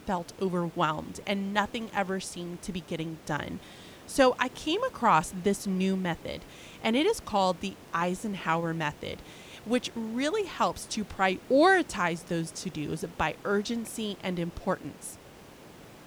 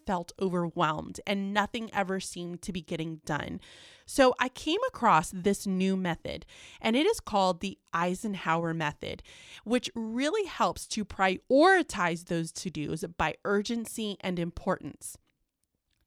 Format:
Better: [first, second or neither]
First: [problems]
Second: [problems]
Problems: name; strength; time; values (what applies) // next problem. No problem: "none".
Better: second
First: hiss; faint; throughout; 20 dB below the speech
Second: none